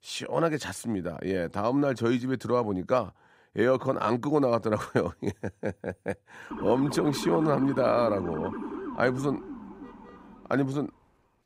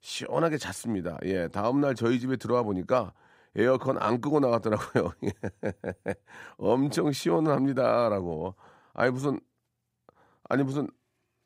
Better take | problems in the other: second | siren; noticeable; from 6.5 to 10 s; peak 7 dB below the speech

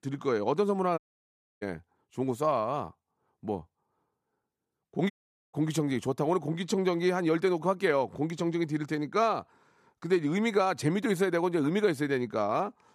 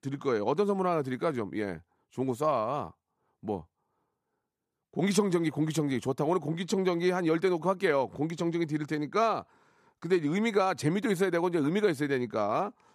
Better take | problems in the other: second | audio cutting out; at 1 s for 0.5 s and at 5 s

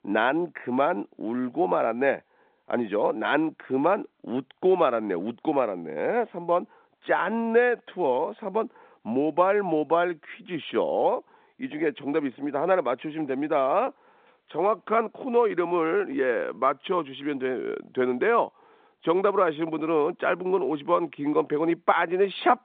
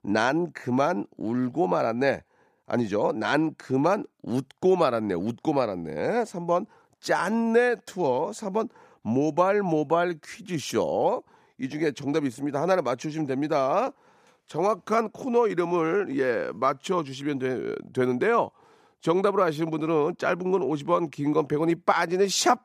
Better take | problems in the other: second | phone-call audio; nothing above 3.5 kHz

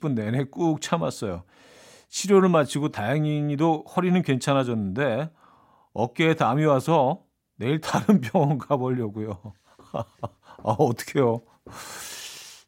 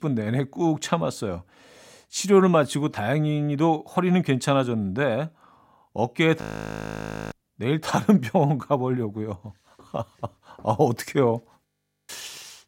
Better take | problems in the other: first | audio freezing; at 6.5 s for 1 s and at 12 s

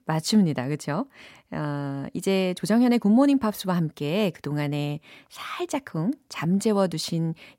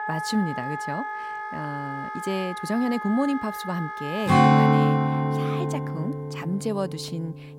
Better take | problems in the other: first | background music; very loud; throughout; 4 dB above the speech

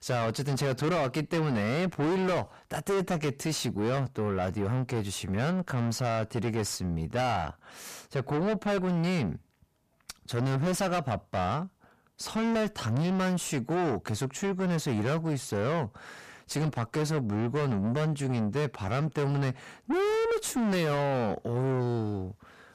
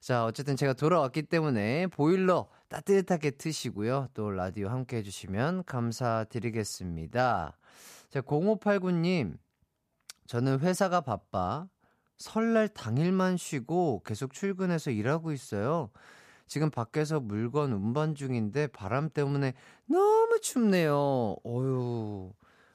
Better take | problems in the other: second | distortion; heavy; 6 dB below the speech

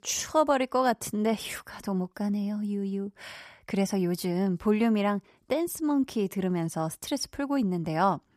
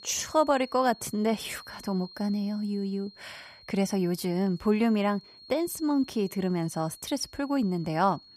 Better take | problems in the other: first | high-pitched whine; faint; throughout; 4.5 kHz, 20 dB below the speech

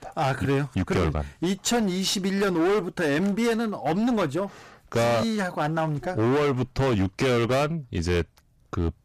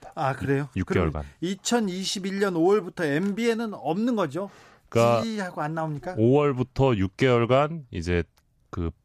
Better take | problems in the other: second | distortion; heavy; 21% of the sound clipped

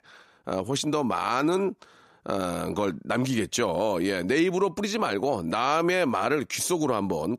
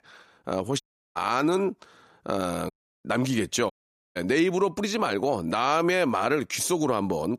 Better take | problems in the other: first | audio cutting out; at 1 s, at 2.5 s and at 3.5 s

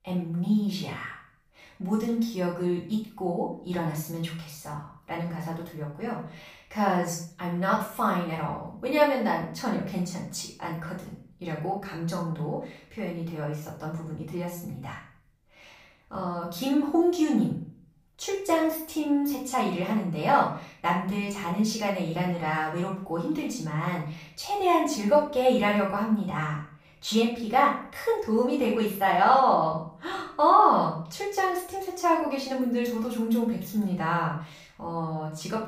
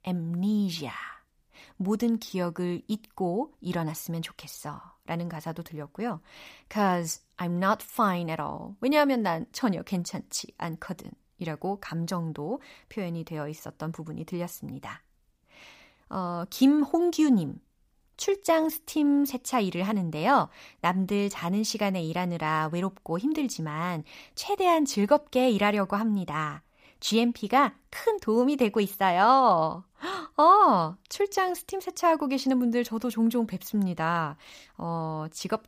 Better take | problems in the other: second | room echo; noticeable; dies away in 0.5 s // off-mic speech; far

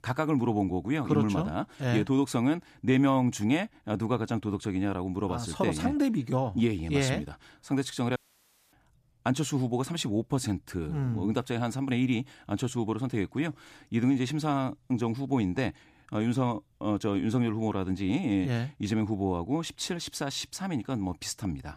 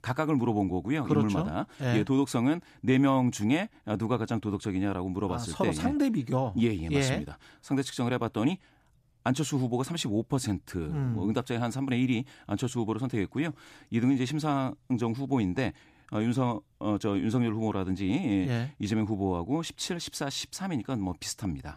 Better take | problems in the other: second | audio cutting out; at 8 s for 0.5 s

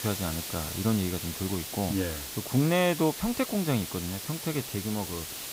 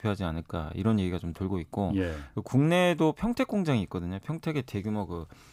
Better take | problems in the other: second | hiss; loud; throughout; 6 dB below the speech

